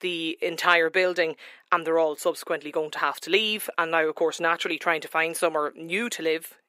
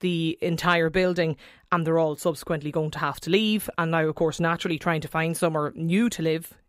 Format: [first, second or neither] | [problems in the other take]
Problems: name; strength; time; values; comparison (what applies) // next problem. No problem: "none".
second | thin; very; fading below 350 Hz